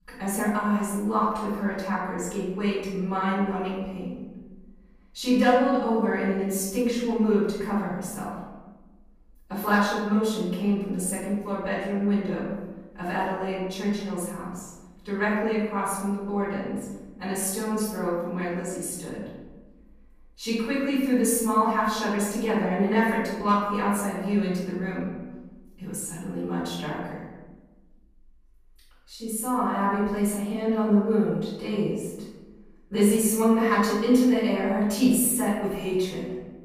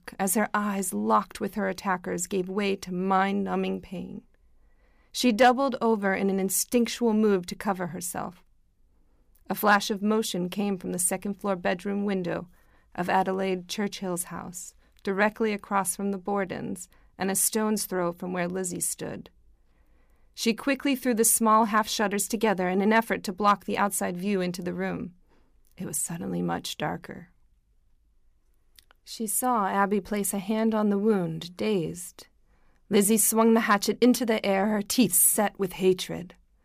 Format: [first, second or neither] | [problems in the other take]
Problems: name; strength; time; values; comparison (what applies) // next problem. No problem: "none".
second | off-mic speech; far // room echo; noticeable; dies away in 1.1 s